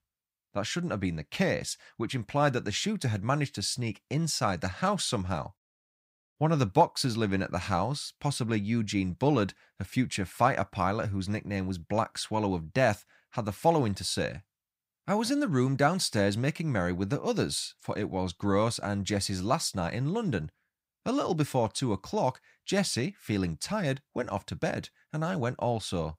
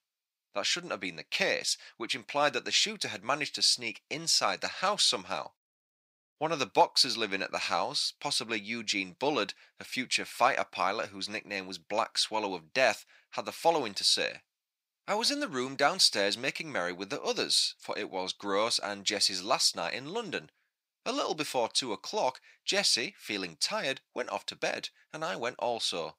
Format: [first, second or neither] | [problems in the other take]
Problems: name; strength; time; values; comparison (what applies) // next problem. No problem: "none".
first | thin; somewhat; fading below 400 Hz